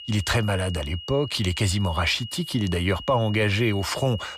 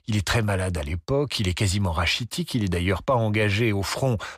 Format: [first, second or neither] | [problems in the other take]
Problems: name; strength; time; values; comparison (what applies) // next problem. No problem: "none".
second | high-pitched whine; noticeable; throughout; 3 kHz, 15 dB below the speech